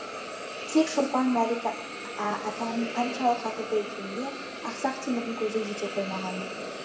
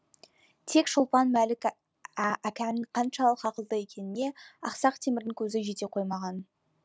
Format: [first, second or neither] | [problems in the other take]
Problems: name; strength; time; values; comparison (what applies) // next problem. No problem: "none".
second | background sound (Hiss); 7 dB below the speech // room echo; dies away in 0.8 s